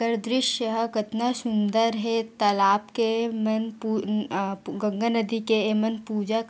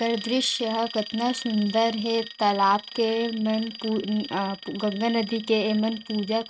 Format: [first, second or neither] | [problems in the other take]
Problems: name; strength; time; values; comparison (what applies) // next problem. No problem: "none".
first | noise reduction (neural mask model RNNoise)